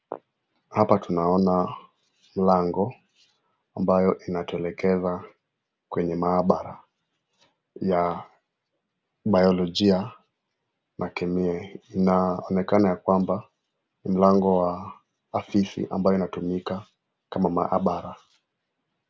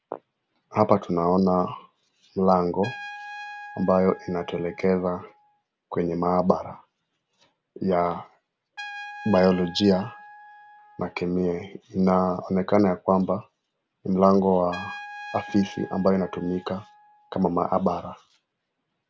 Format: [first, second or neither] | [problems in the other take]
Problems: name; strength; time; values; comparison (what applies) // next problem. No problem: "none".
first | background sound (Trumpet); 19 dB below the speech